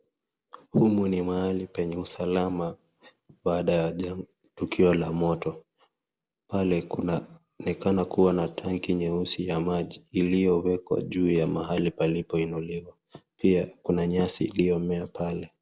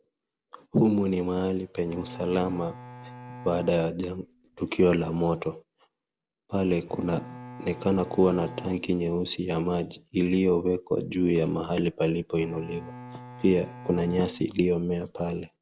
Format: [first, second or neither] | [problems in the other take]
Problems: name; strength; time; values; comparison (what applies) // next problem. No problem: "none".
first | background sound (Bowed string instrument); 16 dB below the speech